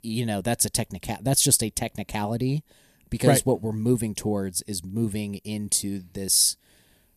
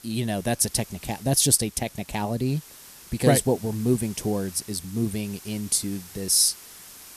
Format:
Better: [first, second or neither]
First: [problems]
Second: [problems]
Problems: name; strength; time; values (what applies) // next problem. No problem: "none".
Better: first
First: none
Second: hiss; noticeable; throughout; 20 dB below the speech